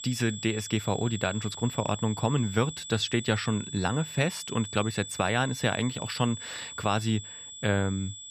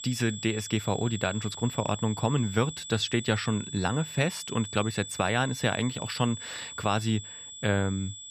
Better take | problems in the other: neither | high-pitched whine; loud; throughout; 3.5 kHz, 10 dB below the speech; the same in both

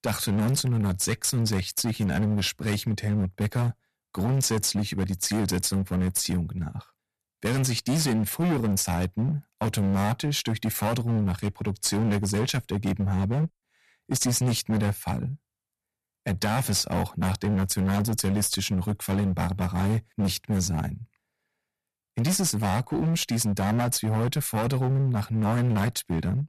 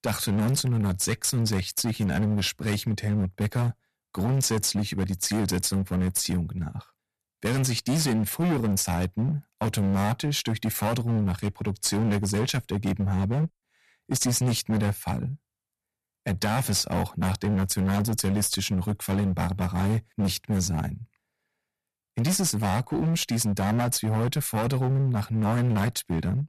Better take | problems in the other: neither | distortion; heavy; 17% of the sound clipped; the same in both

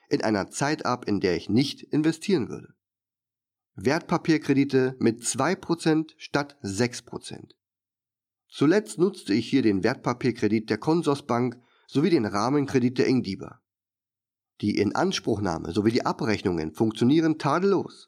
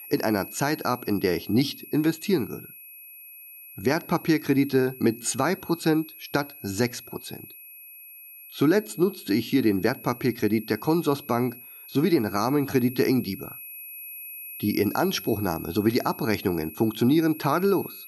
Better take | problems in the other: first | high-pitched whine; noticeable; throughout; 11.5 kHz, 15 dB below the speech

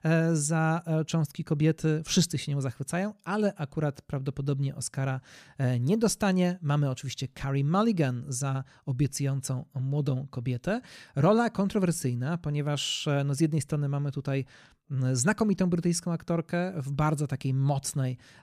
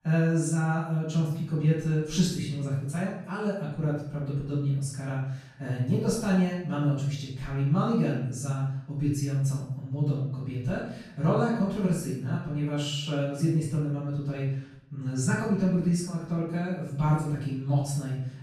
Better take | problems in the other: first | off-mic speech; far // room echo; noticeable; dies away in 0.7 s

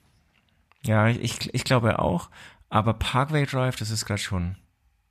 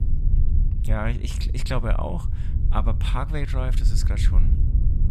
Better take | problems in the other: first | low rumble; noticeable; throughout; 10 dB below the speech

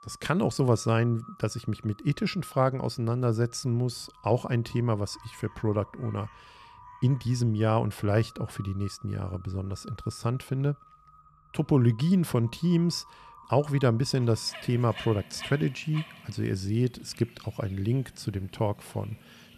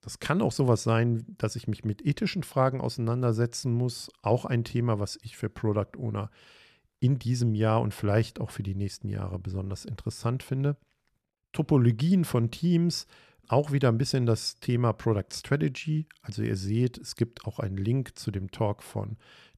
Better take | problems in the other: second | animal sounds; faint; throughout; 20 dB below the speech

